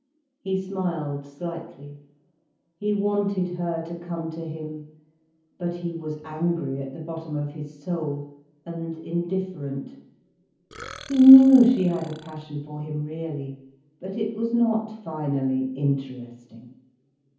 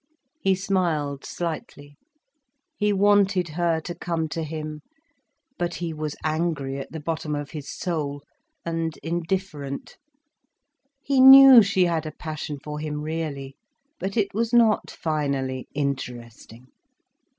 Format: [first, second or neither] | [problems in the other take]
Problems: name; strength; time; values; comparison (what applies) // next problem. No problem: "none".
second | background sound (Burping, eructation); 19 dB below the speech // room echo; dies away in 0.7 s